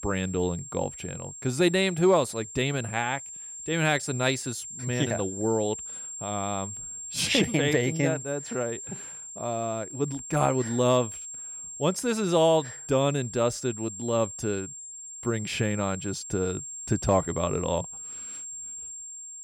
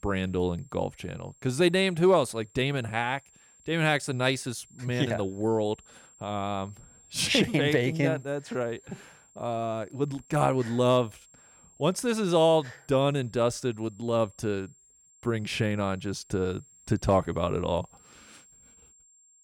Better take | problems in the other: second | high-pitched whine; loud; throughout; 7.5 kHz, 10 dB below the speech; faint in the second

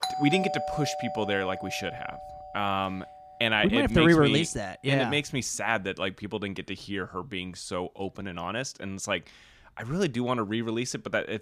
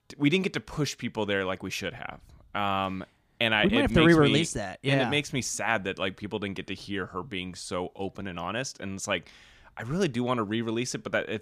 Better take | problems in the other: second | doorbell; noticeable; until 2.5 s; peak 2 dB below the speech

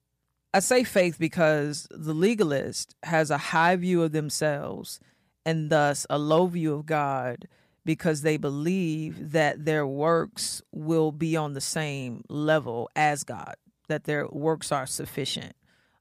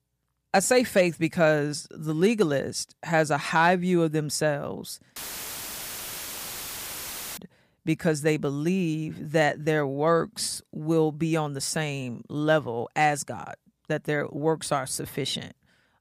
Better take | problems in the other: first | audio cutting out; filled with static; at 5 s for 2 s

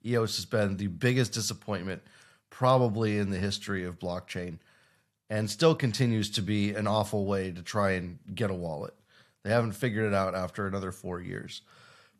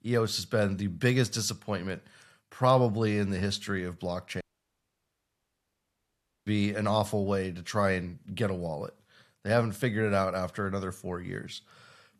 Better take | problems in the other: first | audio cutting out; at 4.5 s for 2 s

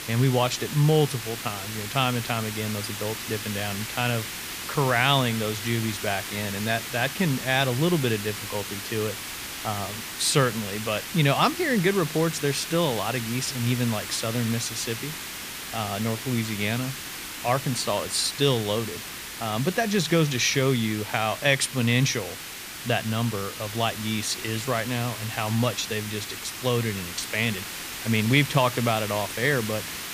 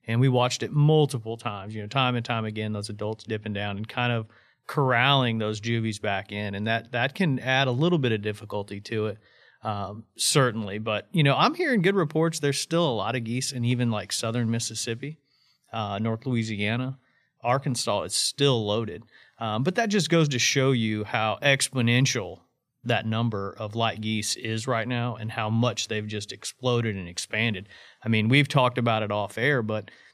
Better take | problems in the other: second | hiss; loud; throughout; 7 dB below the speech

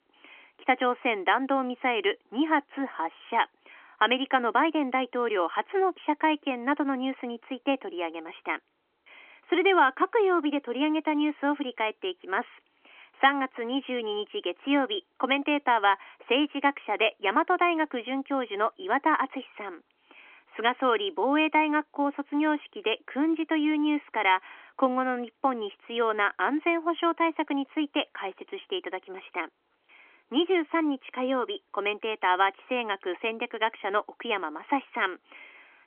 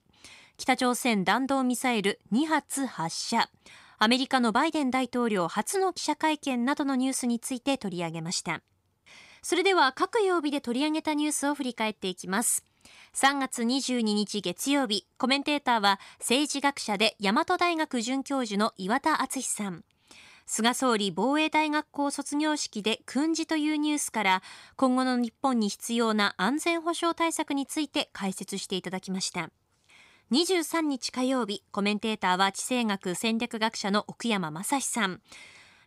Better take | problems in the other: second | phone-call audio; nothing above 3.5 kHz

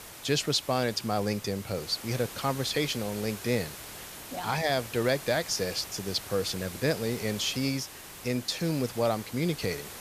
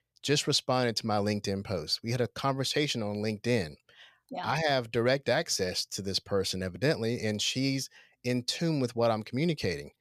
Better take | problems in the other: second | hiss; noticeable; throughout; 10 dB below the speech

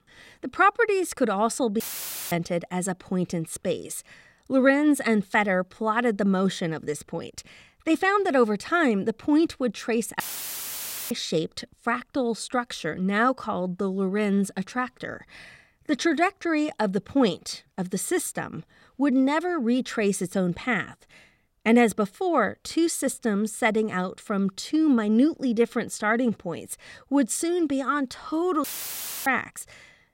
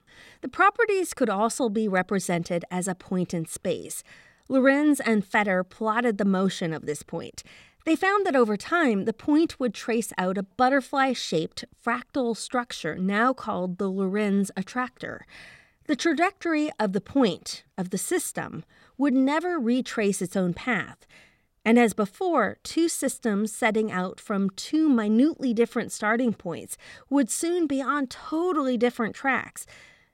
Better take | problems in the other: second | audio cutting out; filled with static; at 2 s for 0.5 s, at 10 s for 1 s and at 29 s for 0.5 s

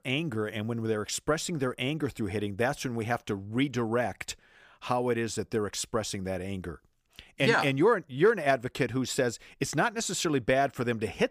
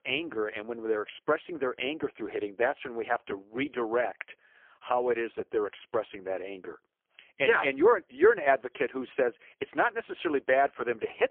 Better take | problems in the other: first | phone-call audio; poor line; nothing above 3.5 kHz

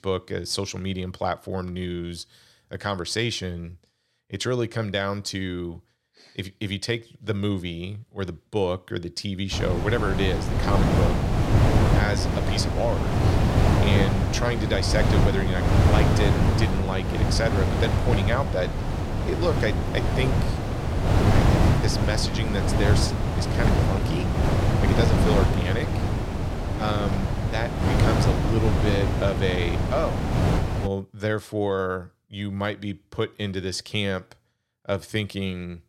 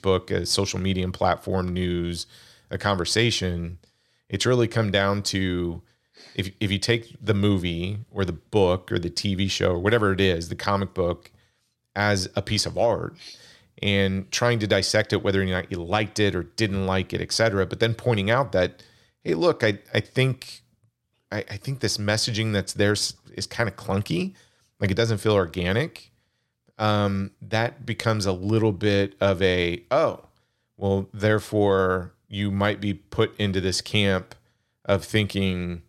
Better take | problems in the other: second | wind noise on the microphone; heavy; from 9.5 to 31 s; as loud as the speech

